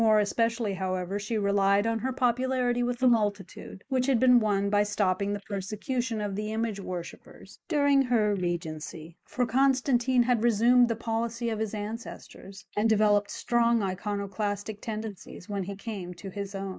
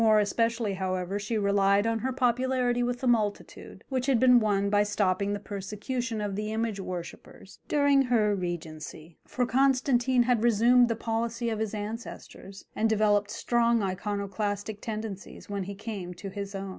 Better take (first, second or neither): second